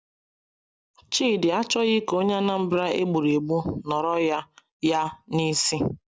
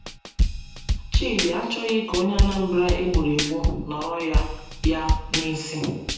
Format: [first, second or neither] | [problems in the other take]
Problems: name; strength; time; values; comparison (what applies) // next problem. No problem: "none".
first | background sound (Drum kit); 1 dB above the speech // room echo; dies away in 0.9 s